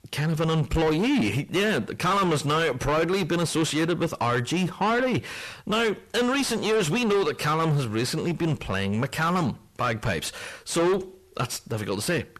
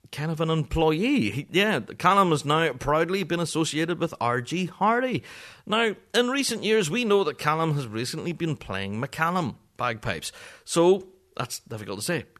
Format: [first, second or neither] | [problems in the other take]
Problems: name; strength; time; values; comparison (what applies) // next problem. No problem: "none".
second | distortion; heavy; 6 dB below the speech